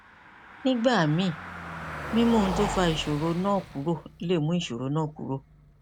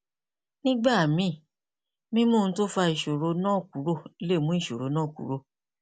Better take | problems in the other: second | background sound (Car passing by); 10 dB below the speech

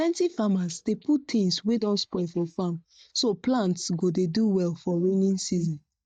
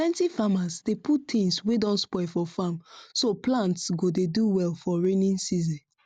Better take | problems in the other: second | noise reduction (neural mask model DeepFilterNet 3)

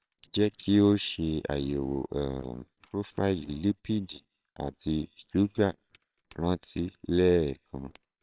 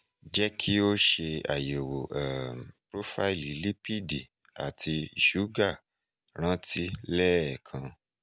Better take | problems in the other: second | noise reduction (neural separator model SepFormer WHAMR!)

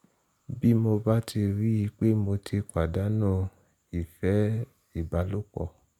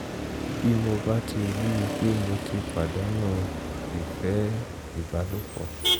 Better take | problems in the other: first | background sound (Motor vehicle (road)); 3 dB below the speech

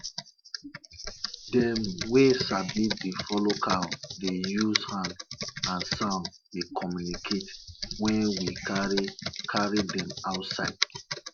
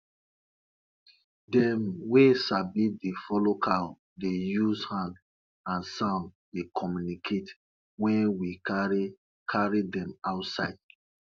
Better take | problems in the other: second | background sound (Computer keyboard); 6 dB below the speech

